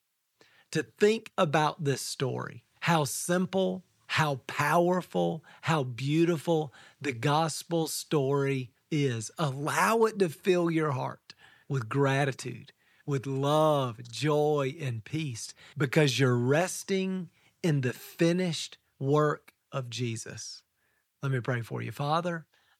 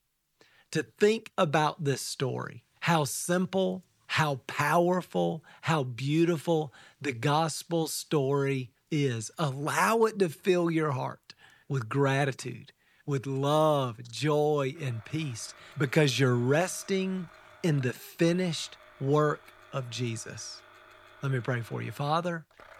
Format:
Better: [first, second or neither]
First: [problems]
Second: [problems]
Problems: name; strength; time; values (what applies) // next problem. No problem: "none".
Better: first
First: none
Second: household noises; faint; throughout; 25 dB below the speech